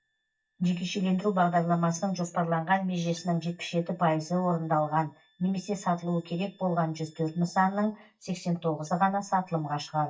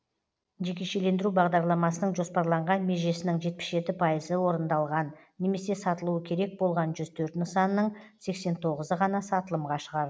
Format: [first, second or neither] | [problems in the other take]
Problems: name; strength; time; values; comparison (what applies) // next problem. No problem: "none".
second | noise reduction (neural mask model DeepFilterNet 3)